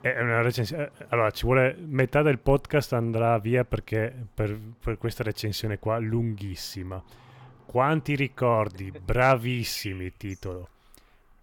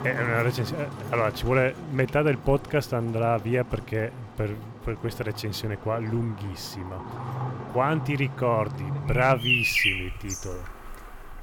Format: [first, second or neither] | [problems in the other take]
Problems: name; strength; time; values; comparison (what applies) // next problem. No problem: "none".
first | animal sounds; loud; throughout; 4 dB below the speech; faint in the first